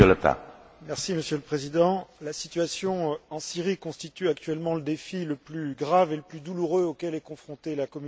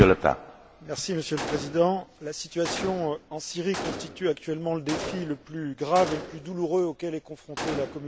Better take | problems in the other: first | background sound (Gunshot, gunfire); 11 dB below the speech

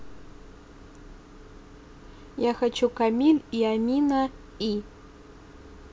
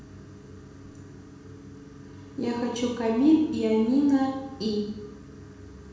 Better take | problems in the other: first | room echo; dies away in 1.1 s

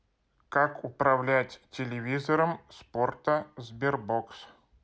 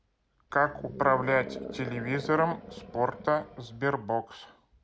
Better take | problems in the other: first | background sound (Animal); 12 dB below the speech

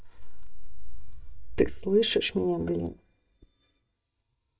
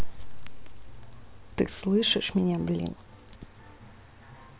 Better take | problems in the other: second | noise reduction (neural mask model DeepFilterNet 3)

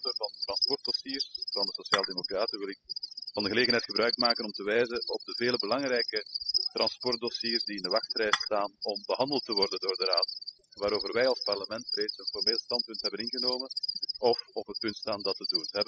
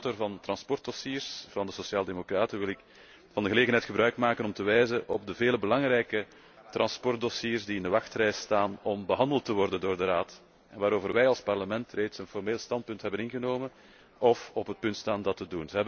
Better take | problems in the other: second | noise reduction (classical method spectral subtraction)

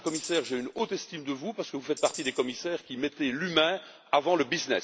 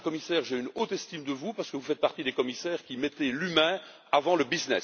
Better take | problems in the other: second | background sound (Tambourine); 15 dB below the speech

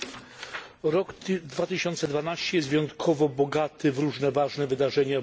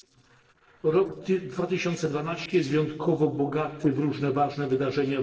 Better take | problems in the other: first | noise reduction (neural separator model SepFormer DNS4)

